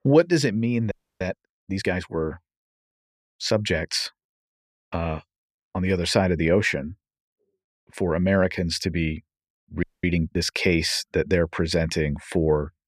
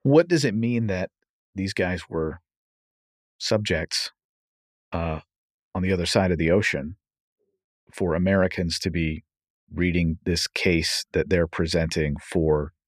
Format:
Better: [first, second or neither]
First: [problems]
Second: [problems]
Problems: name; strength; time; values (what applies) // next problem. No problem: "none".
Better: second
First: audio freezing; at 1 s and at 10 s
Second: none